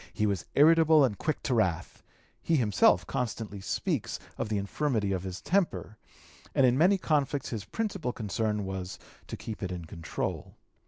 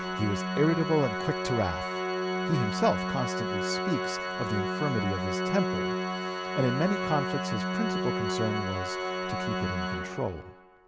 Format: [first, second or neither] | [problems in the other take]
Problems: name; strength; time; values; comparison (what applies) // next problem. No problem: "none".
first | background sound (Organ); as loud as the speech